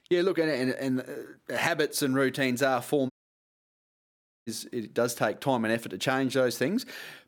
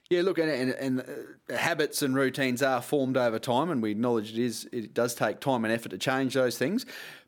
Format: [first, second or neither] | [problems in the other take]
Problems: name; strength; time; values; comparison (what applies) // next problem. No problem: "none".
second | audio cutting out; at 3 s for 1.5 s